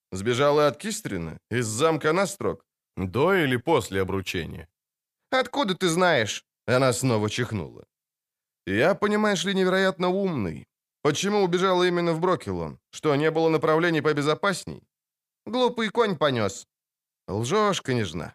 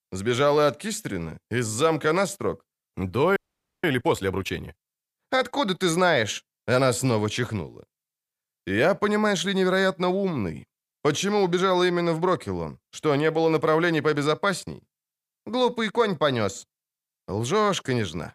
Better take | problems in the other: first | audio freezing; at 3.5 s

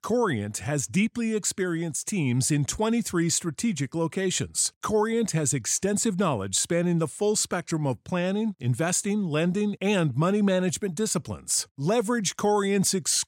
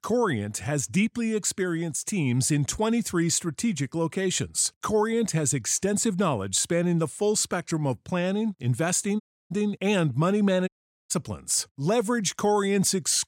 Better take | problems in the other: first | audio cutting out; at 9 s and at 11 s

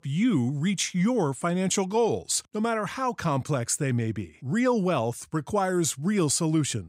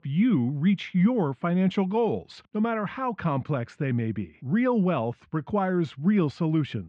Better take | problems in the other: first | muffled; very; fading above 3 kHz

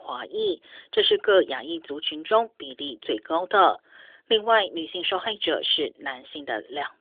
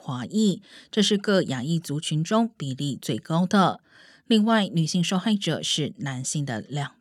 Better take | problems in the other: second | phone-call audio; nothing above 3.5 kHz

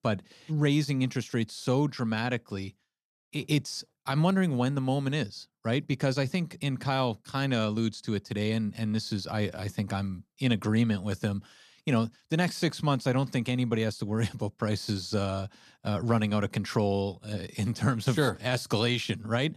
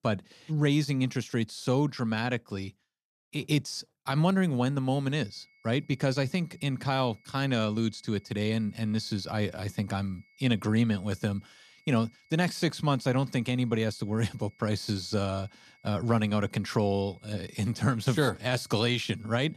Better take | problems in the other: first | high-pitched whine; faint; from 5 s on; 2 kHz, 30 dB below the speech

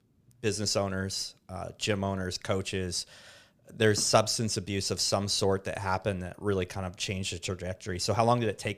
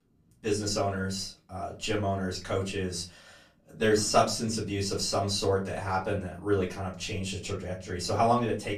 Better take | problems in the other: first | off-mic speech; far // room echo; very slight; dies away in 0.3 s

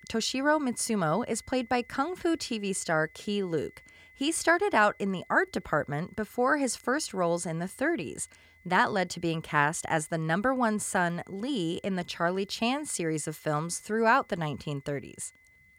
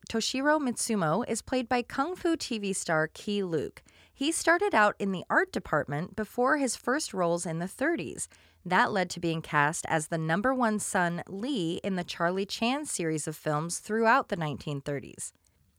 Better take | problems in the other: second | high-pitched whine; faint; throughout; 2 kHz, 30 dB below the speech

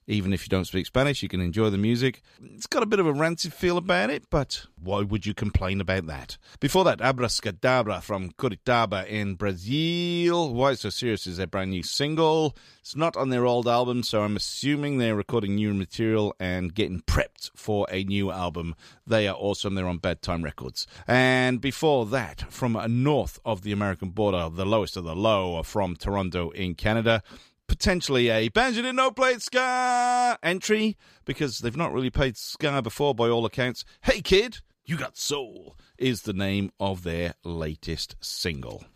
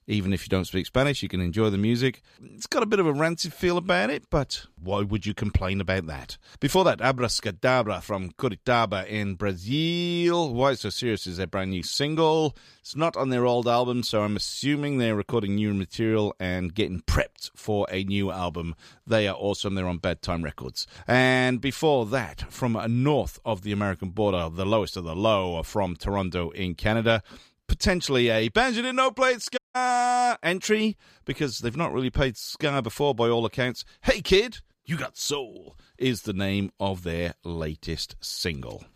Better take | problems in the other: first | audio cutting out; at 30 s

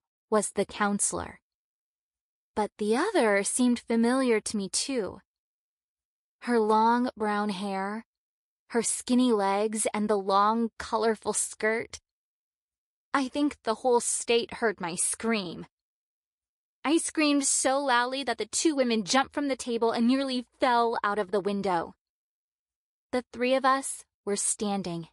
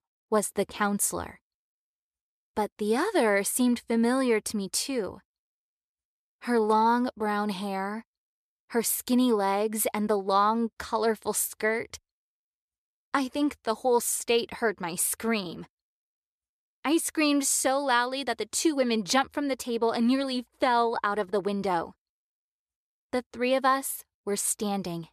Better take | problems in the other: second | garbled, watery; slightly; nothing above 11 kHz

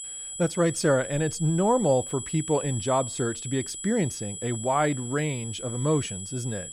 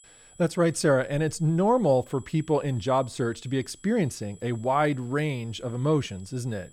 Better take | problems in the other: second | high-pitched whine; loud; throughout; 8 kHz, 8 dB below the speech; faint in the second

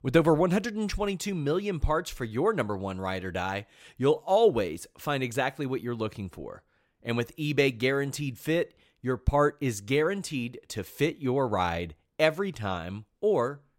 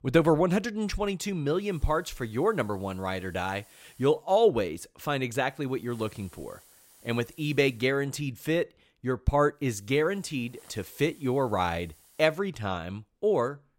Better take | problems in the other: first | hiss; faint; from 1.5 to 4 s, from 5.5 to 8 s and from 9.5 to 12 s; 25 dB below the speech

